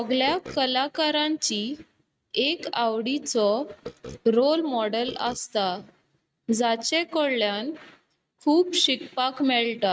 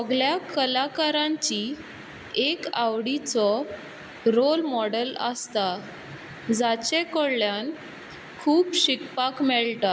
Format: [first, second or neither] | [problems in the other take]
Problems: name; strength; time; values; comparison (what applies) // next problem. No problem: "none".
second | noise reduction (neural mask model RNNoise)